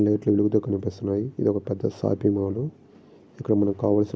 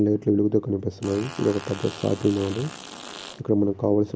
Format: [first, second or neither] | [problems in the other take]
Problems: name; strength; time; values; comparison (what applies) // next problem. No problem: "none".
first | background sound (Fart); 15 dB below the speech